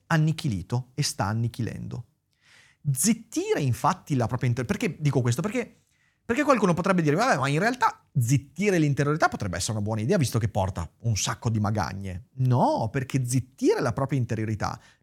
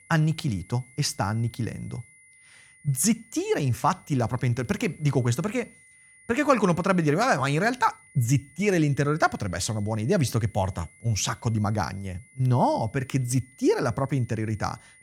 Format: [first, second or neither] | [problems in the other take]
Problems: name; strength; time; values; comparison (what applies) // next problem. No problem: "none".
first | high-pitched whine; faint; throughout; 2 kHz, 25 dB below the speech